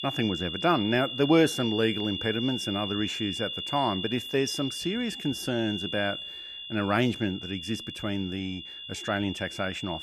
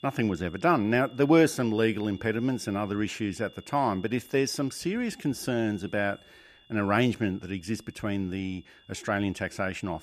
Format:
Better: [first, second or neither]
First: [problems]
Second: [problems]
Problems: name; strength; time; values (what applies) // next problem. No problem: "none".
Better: second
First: high-pitched whine; loud; throughout; 3.5 kHz, 6 dB below the speech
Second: high-pitched whine; faint; throughout; 3.5 kHz, 25 dB below the speech